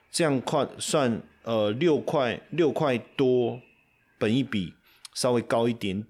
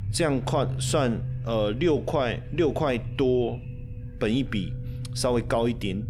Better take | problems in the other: first | low rumble; noticeable; throughout; 20 dB below the speech

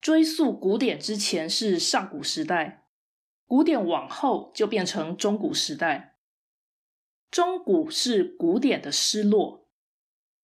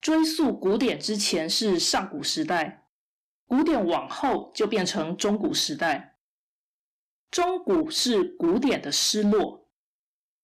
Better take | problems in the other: first | distortion; slight; 8% of the sound clipped

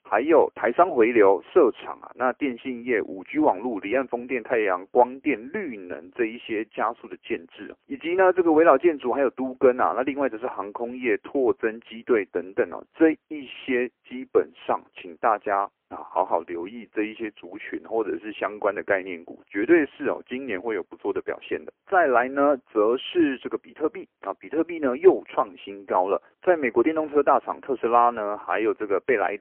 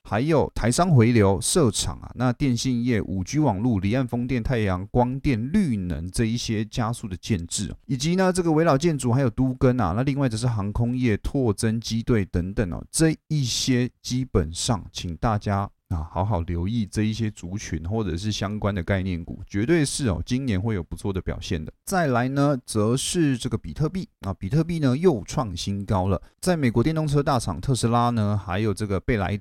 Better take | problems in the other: second | phone-call audio; poor line; nothing above 3 kHz

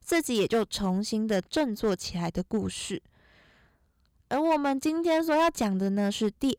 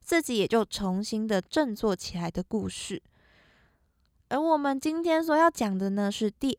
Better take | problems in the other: second | distortion; slight; 4% of the sound clipped

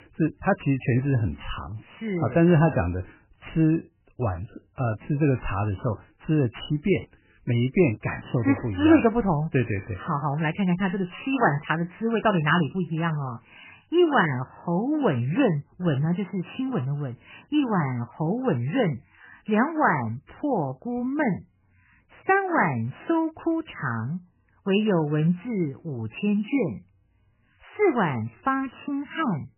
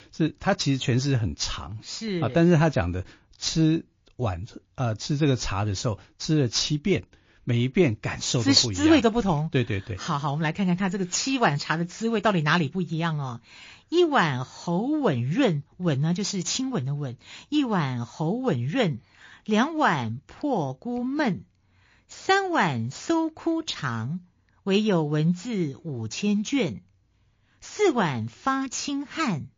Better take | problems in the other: second | garbled, watery; badly; nothing above 3 kHz; slightly in the second

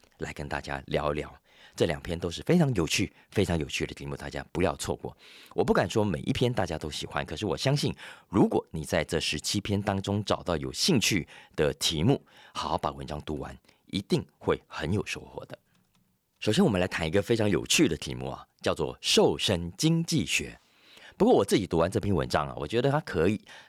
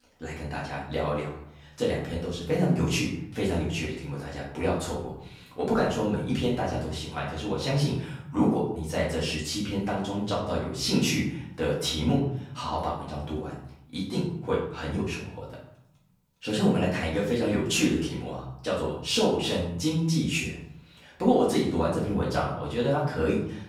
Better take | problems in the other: first | off-mic speech; far // room echo; noticeable; dies away in 0.7 s

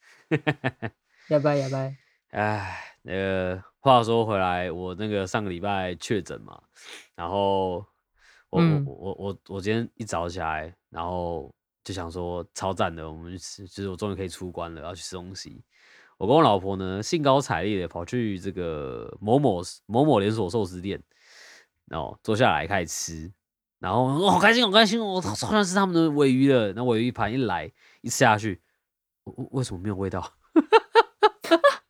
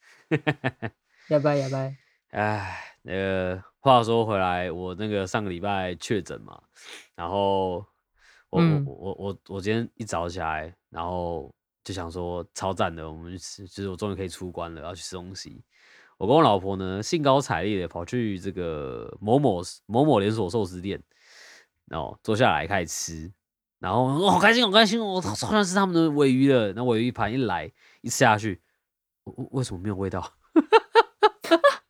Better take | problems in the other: neither | none

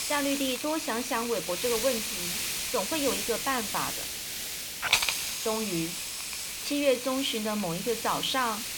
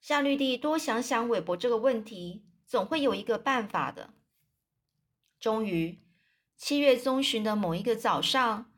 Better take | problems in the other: second | hiss; loud; throughout; as loud as the speech

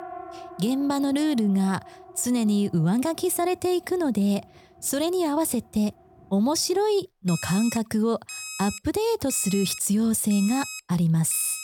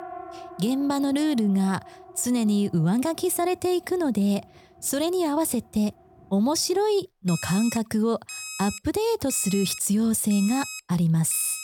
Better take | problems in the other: neither | alarms or sirens; noticeable; throughout; 15 dB below the speech; the same in both

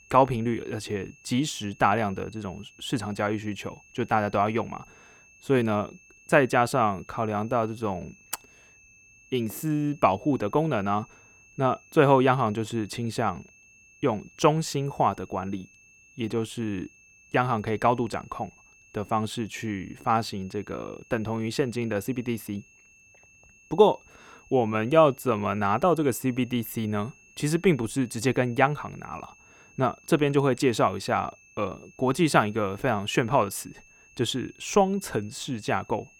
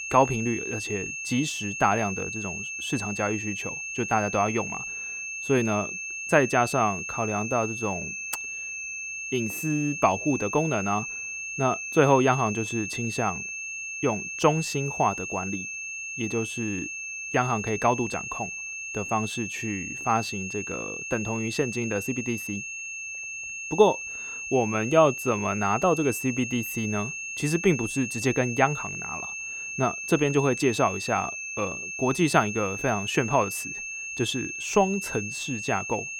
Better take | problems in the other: first | high-pitched whine; loud; throughout; 2.5 kHz, 6 dB below the speech; faint in the first

